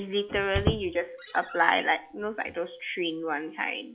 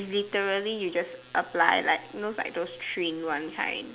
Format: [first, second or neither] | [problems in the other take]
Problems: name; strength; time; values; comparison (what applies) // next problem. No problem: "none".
second | noise reduction (classical method log-MMSE)